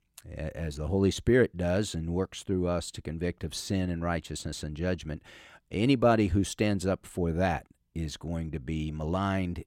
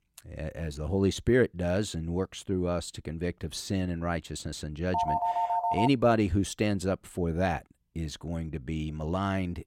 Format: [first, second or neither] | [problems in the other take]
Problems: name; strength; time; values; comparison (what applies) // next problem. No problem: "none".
first | phone ringing; loud; at 5 s; peak 2 dB above the speech